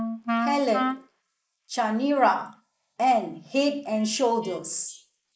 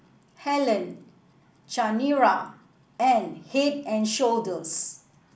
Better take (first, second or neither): second